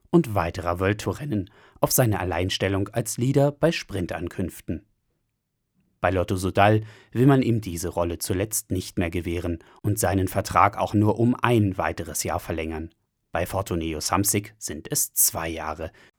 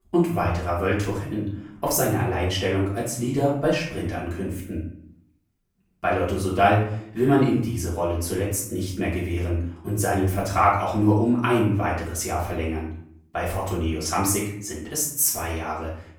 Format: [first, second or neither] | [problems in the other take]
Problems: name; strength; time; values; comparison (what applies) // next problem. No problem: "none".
first | off-mic speech; far // room echo; noticeable; dies away in 0.5 s